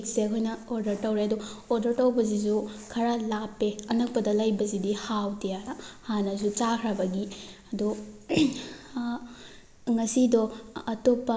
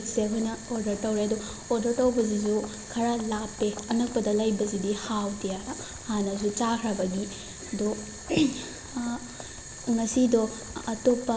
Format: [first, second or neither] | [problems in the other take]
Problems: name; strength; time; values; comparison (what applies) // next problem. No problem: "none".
first | background sound (Boiling); 13 dB below the speech